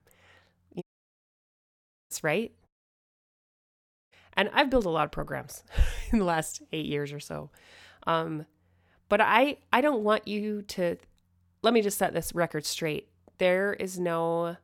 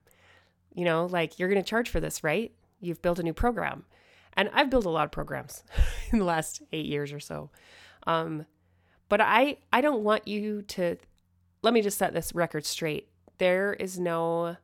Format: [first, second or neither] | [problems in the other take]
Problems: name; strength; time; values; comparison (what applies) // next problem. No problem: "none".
second | audio cutting out; at 1 s for 1.5 s and at 2.5 s for 1.5 s